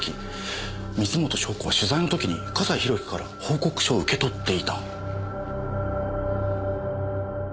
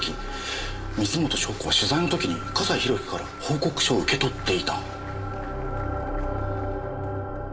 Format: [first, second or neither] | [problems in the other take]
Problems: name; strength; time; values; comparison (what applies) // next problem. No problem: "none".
first | background sound (Applause / Crowd); 19 dB below the speech // room echo; dies away in 1.4 s